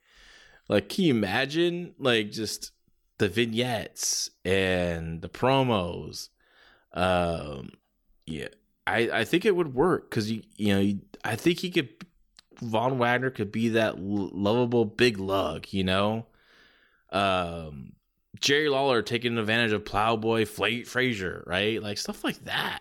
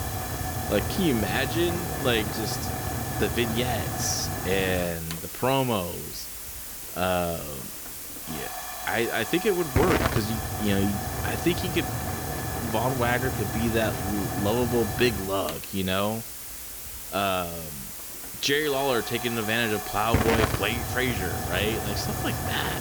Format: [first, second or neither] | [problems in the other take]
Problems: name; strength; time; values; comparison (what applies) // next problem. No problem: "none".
first | hiss; loud; throughout; 3 dB below the speech